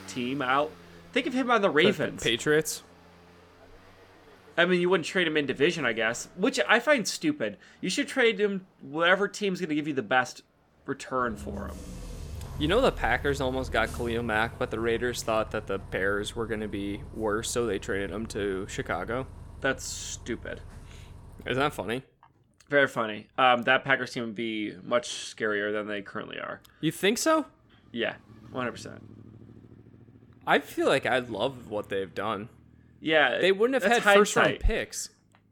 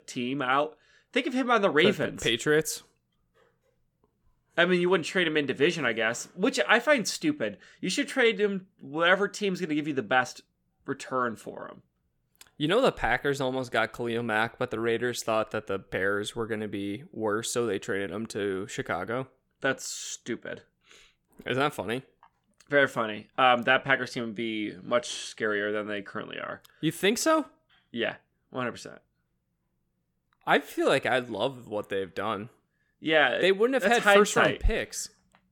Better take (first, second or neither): second